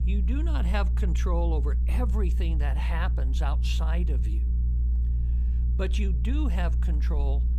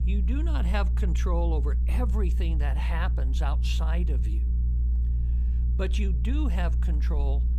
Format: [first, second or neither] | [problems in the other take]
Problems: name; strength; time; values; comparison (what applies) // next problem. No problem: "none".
neither | low rumble; loud; throughout; 9 dB below the speech; the same in both